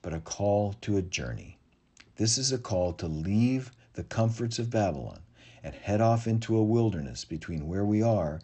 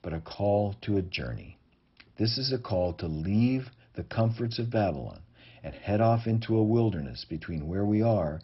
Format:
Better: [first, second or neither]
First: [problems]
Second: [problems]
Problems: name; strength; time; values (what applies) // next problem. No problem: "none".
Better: first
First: garbled, watery; slightly; nothing above 8 kHz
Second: garbled, watery; badly; nothing above 5.5 kHz